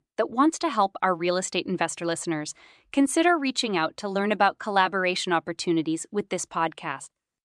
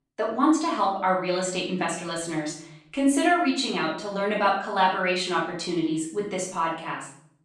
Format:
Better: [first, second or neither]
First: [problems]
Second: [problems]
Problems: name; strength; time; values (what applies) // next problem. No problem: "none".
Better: first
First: none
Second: room echo; noticeable; dies away in 0.5 s // off-mic speech; far